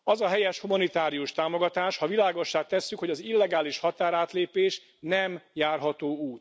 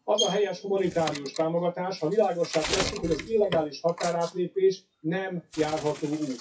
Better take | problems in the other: first | noise reduction (classical method WPE with log-MMSE)

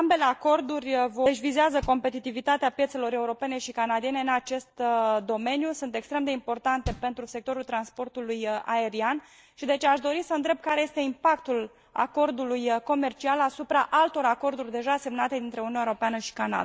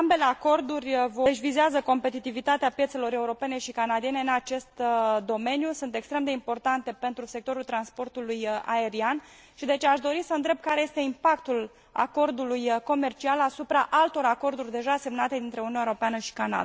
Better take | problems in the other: second | noise reduction (neural mask model DeepFilterNet 3)

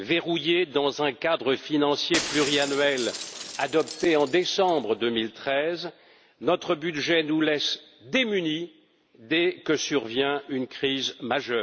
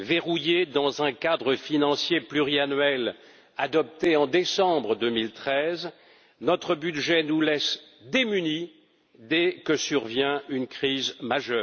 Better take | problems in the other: second | background sound (Shatter); 10 dB below the speech

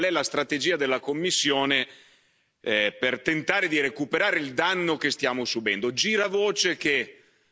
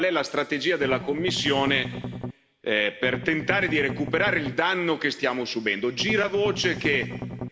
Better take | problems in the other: first | background sound (Strum); 8 dB below the speech // room echo; dies away in 1.3 s

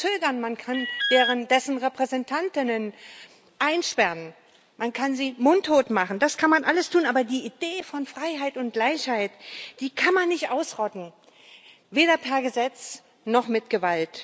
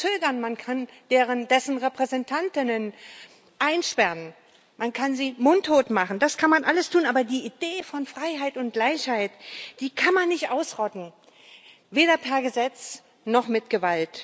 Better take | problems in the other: second | background sound (Alarm); 3 dB below the speech

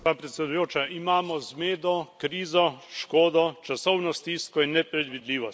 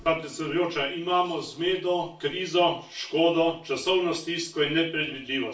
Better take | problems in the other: first | room echo; dies away in 0.3 s

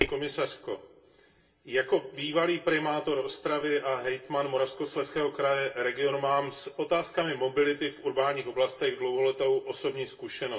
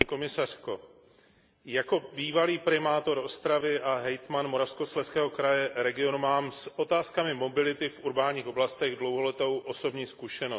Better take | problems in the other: second | room echo; dies away in 0.2 s

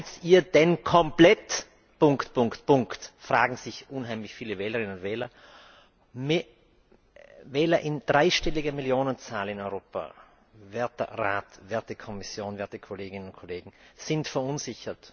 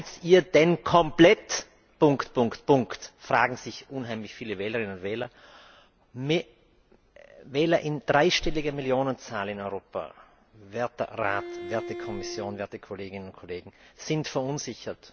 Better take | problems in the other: first | background sound (Bowed string instrument); 12 dB below the speech

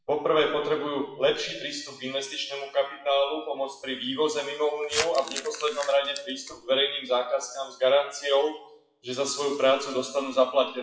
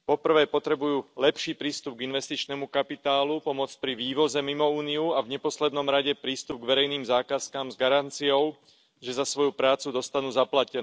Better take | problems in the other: second | noise reduction (classical method WPE with log-MMSE)

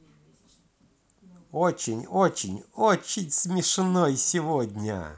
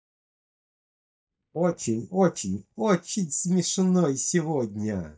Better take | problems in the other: first | noise reduction (neural mask model DeepFilterNet 3)

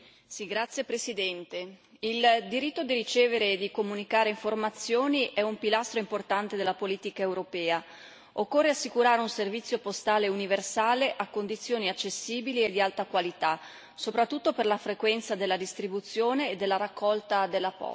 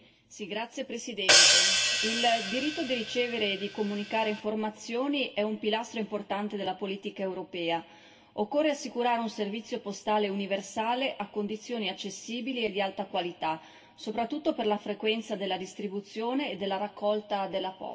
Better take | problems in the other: first | background sound (Hi-hat); 5 dB above the speech // room echo; dies away in 0.2 s

